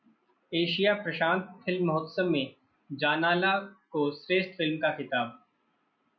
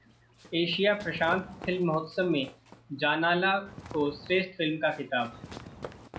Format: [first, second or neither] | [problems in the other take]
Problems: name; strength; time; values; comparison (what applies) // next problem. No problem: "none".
first | background sound (Walk, footsteps + Run); 17 dB below the speech